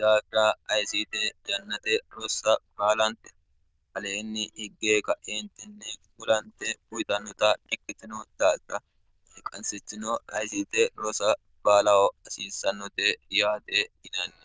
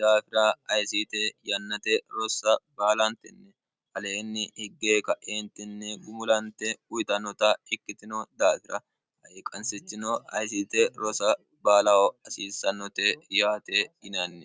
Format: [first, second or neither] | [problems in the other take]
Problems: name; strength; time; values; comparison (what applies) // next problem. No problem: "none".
second | noise reduction (neural diffusion model UNIVERSE++)